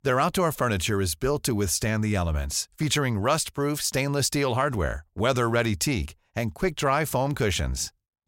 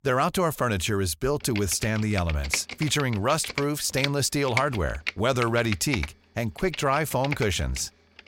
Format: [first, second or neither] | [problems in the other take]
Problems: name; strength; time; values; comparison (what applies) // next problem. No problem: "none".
first | keyboard typing; noticeable; from 1.5 to 8 s; peak 4 dB below the speech